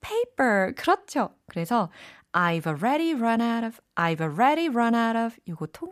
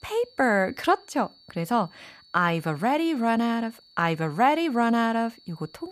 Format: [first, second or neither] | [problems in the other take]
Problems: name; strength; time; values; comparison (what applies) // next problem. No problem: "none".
first | high-pitched whine; faint; throughout; 4.5 kHz, 25 dB below the speech